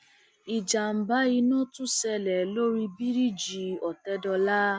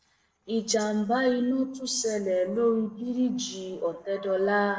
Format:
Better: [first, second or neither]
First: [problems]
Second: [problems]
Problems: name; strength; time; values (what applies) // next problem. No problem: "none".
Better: first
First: none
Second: noise reduction (neural separator model SepFormer DNS4)